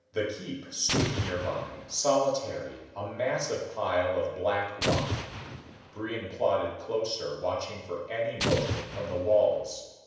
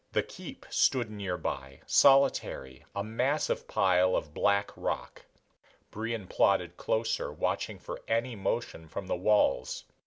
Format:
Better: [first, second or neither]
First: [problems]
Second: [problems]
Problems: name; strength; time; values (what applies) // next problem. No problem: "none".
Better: second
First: background sound (Explosion); 3 dB below the speech // room echo; dies away in 0.9 s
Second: none